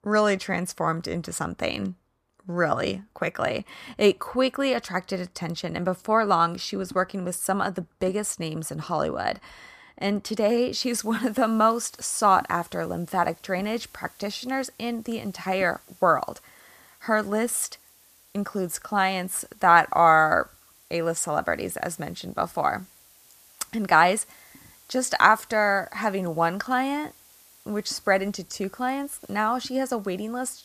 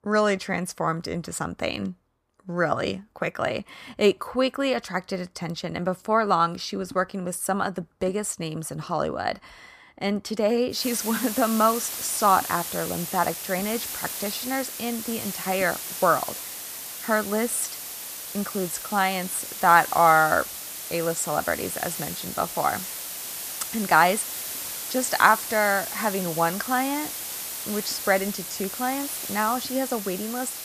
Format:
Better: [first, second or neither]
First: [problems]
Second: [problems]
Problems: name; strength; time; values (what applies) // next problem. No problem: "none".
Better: first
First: hiss; faint; from 11 s on; 25 dB below the speech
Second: hiss; loud; from 11 s on; 6 dB below the speech